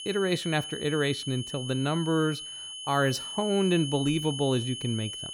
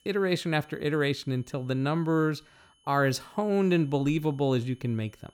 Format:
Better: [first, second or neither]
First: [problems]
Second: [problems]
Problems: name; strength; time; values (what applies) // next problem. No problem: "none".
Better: second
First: high-pitched whine; loud; throughout; 3 kHz, 7 dB below the speech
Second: high-pitched whine; faint; throughout; 3 kHz, 35 dB below the speech